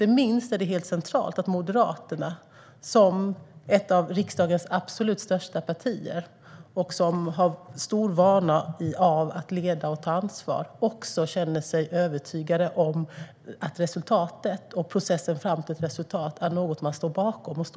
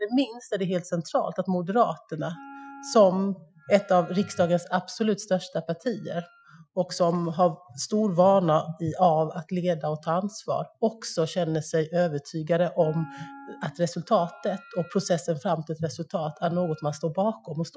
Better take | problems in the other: first | noise reduction (classical method Wiener filter)

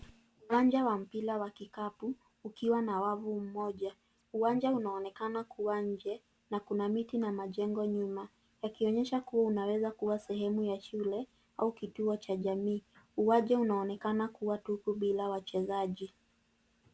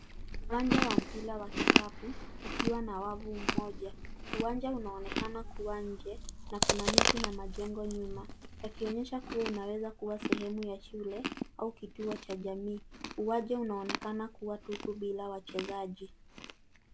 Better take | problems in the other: first | background sound (Chewing, mastication); 2 dB above the speech

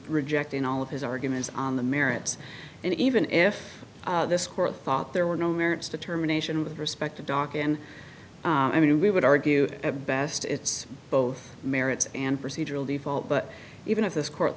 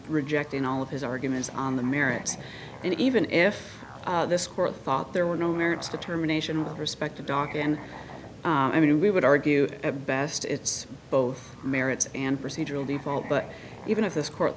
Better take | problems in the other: first | background sound (Musical instrument); 18 dB below the speech

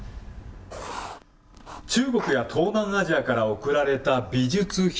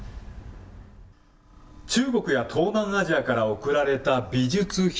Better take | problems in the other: second | background sound (Writing); 14 dB below the speech

